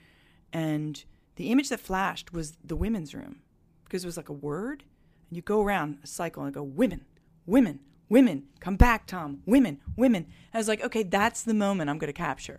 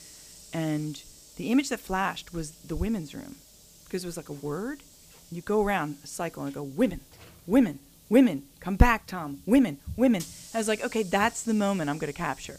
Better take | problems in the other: first | hiss; faint; throughout; 20 dB below the speech

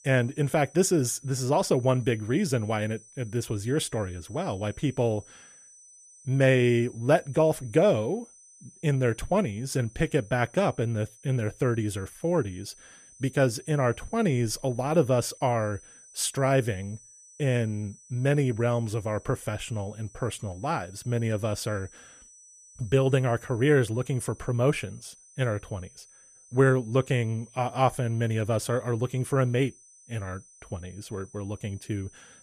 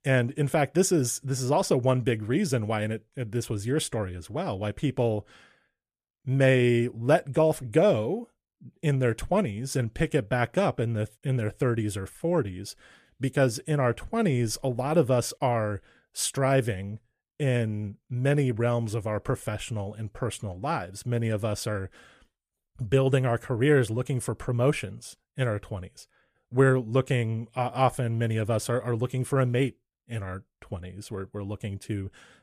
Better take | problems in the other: second | high-pitched whine; faint; throughout; 6 kHz, 25 dB below the speech

